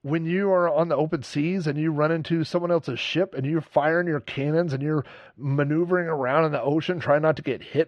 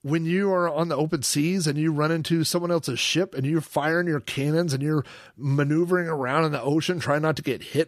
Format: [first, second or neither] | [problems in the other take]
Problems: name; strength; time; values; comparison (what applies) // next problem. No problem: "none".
second | muffled; very; fading above 2.5 kHz